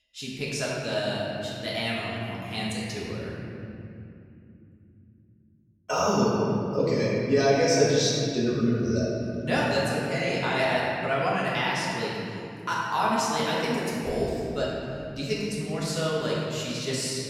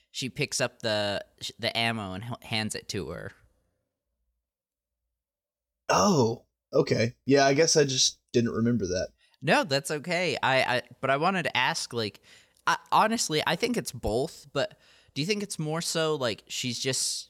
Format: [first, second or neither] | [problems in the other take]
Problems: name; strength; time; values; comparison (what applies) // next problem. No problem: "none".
second | room echo; strong; dies away in 3 s // off-mic speech; far